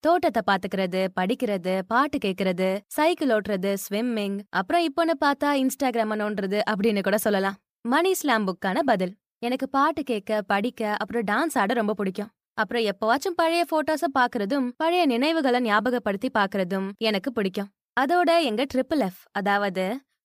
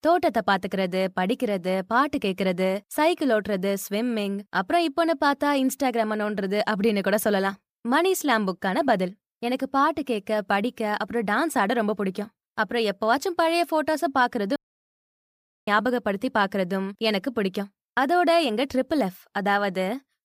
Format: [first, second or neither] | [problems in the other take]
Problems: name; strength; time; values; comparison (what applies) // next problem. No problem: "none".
first | audio cutting out; at 15 s for 1 s